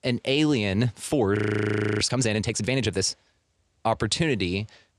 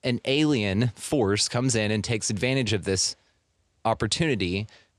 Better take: second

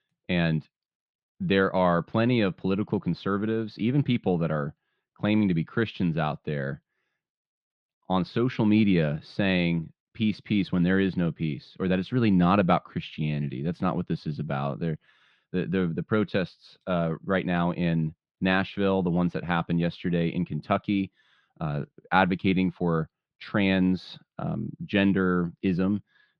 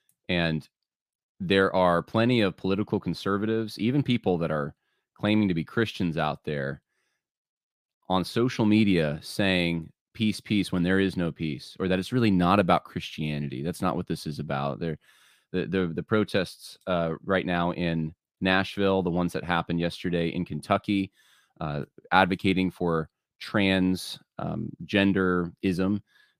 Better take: second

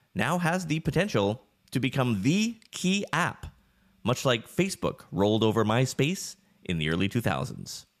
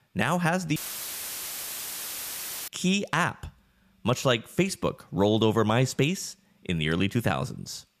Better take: first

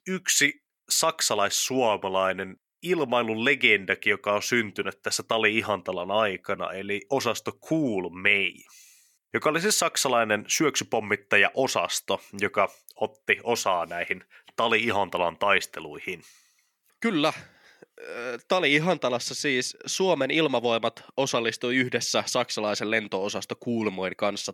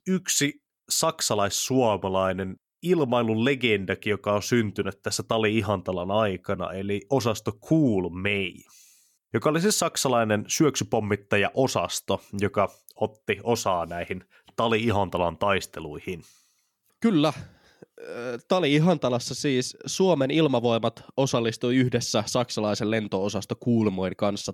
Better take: second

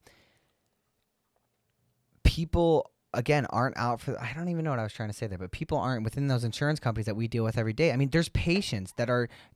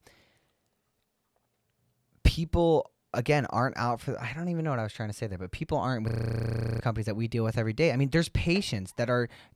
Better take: first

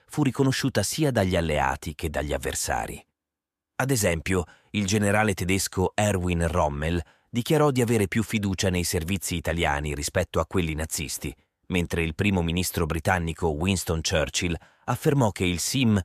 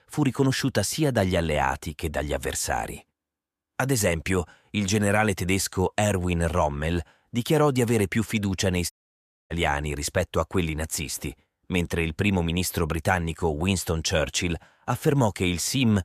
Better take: first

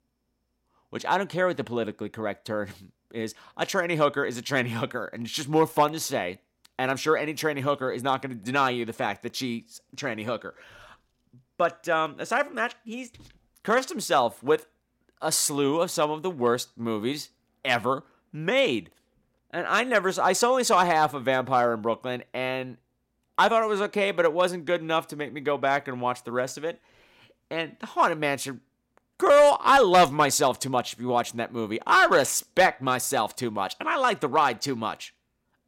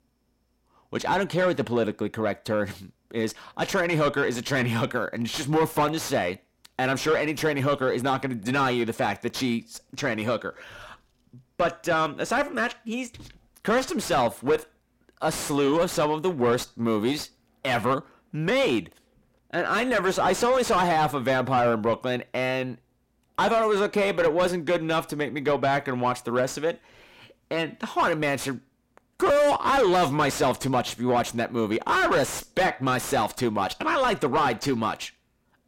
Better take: first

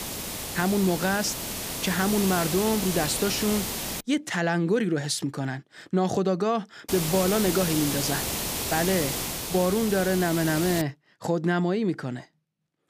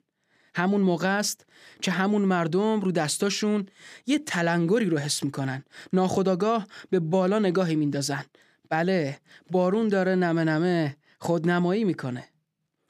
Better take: second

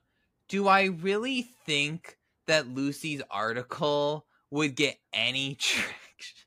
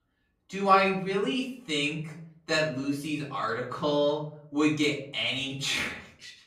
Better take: first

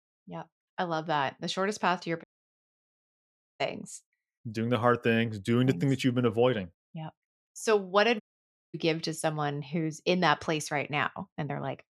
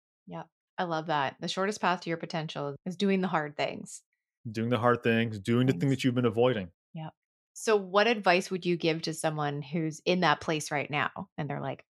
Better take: second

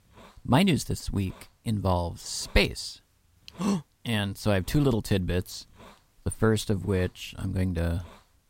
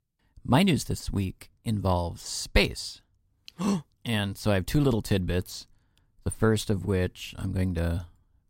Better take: second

